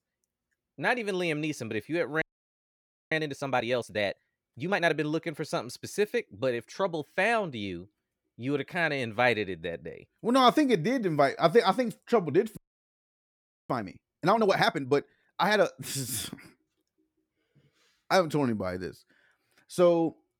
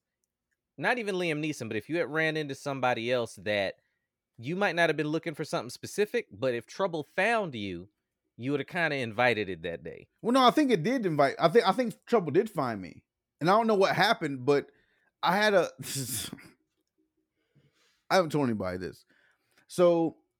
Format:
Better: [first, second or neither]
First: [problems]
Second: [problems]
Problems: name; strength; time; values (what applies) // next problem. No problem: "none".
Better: second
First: audio freezing; at 2 s for 1 s and at 13 s for 1 s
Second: none